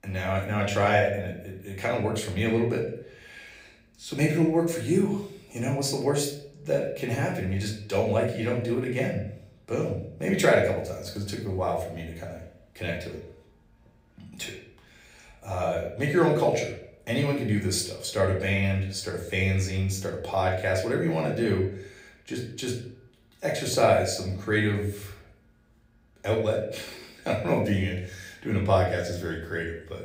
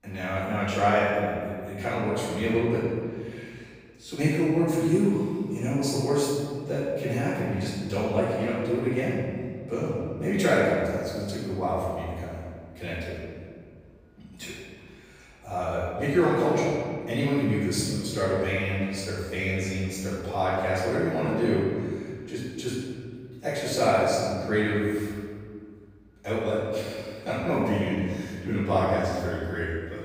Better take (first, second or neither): first